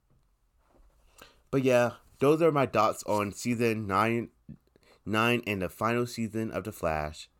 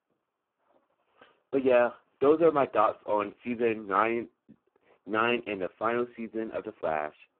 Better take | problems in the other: first | phone-call audio; poor line

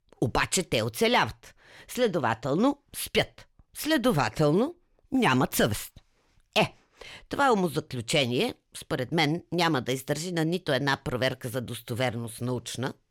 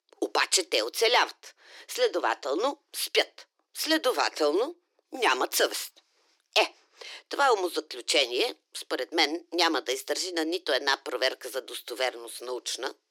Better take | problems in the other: first | thin; very; fading below 300 Hz

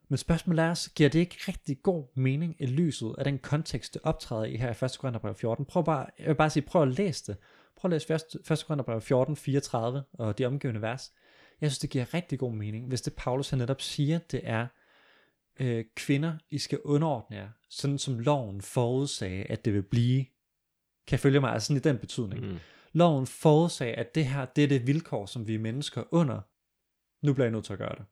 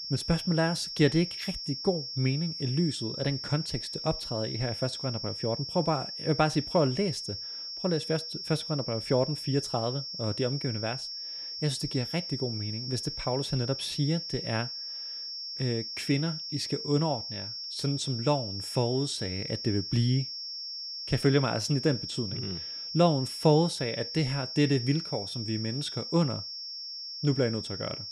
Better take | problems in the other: first | high-pitched whine; loud; throughout; 5.5 kHz, 5 dB below the speech

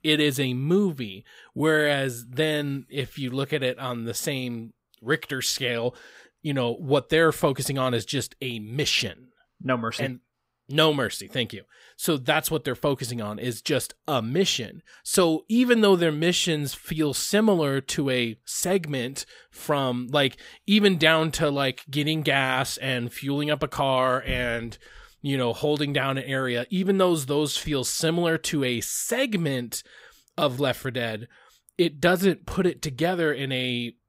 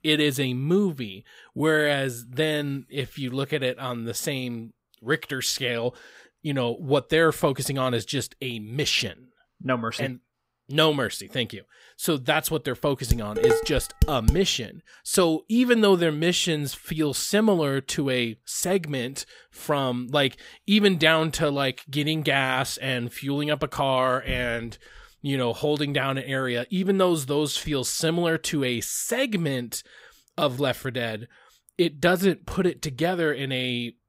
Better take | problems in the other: first | clattering dishes; loud; from 13 to 14 s; peak 2 dB above the speech

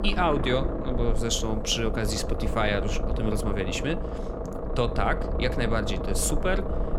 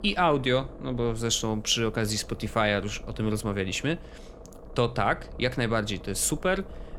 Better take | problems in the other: second | low rumble; loud; throughout; 5 dB below the speech; faint in the second

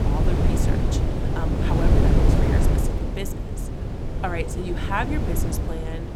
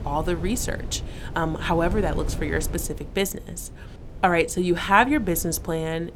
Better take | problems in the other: second | wind noise on the microphone; heavy; 1 dB above the speech; occasional gusts in the second

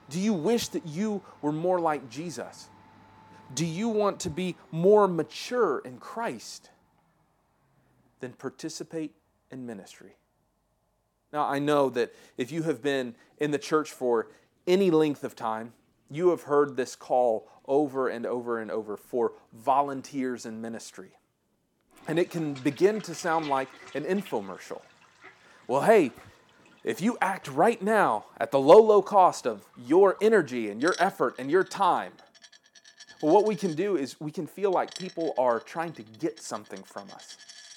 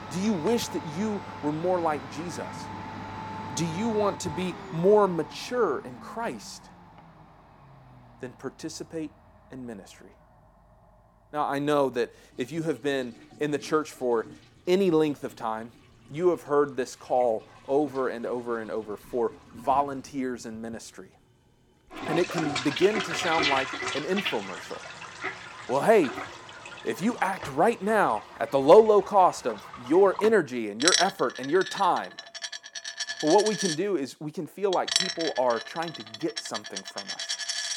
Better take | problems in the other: first | household noises; loud; throughout; 6 dB below the speech; faint in the first

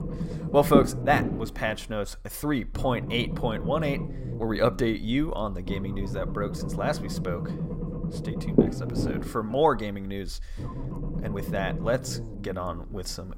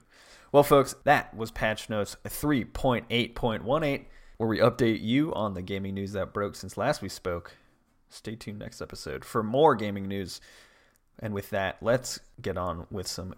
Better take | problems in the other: second | low rumble; loud; throughout; 8 dB below the speech

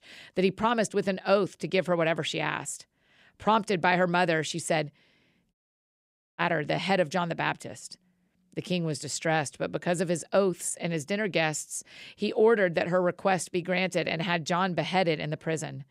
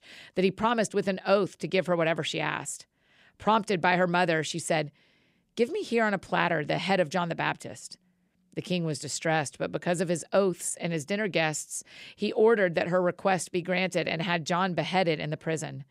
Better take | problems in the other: second | audio cutting out; at 5.5 s for 1 s

